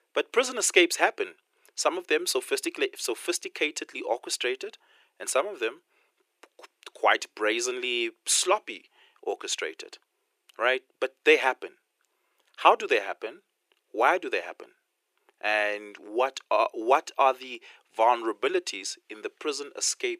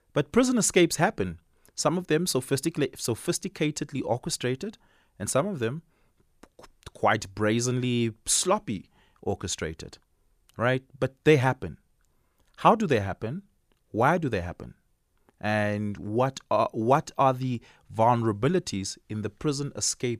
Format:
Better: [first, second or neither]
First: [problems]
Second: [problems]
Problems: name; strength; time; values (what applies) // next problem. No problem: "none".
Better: second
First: thin; very; fading below 350 Hz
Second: none